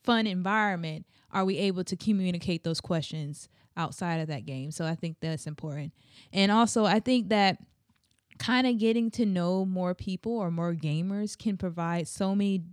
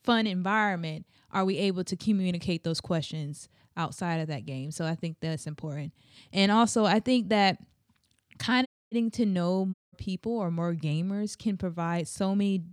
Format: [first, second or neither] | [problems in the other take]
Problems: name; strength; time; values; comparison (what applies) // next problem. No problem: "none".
first | audio cutting out; at 8.5 s and at 9.5 s